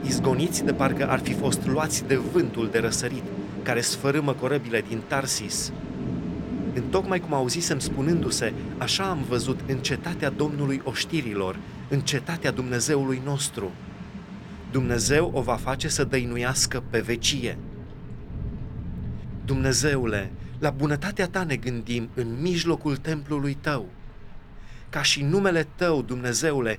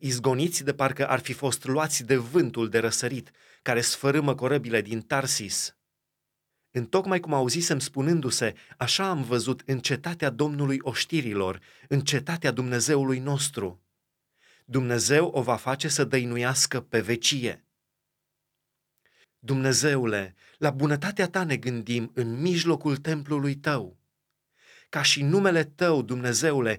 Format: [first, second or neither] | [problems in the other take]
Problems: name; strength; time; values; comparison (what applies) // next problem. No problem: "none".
second | rain or running water; loud; throughout; 9 dB below the speech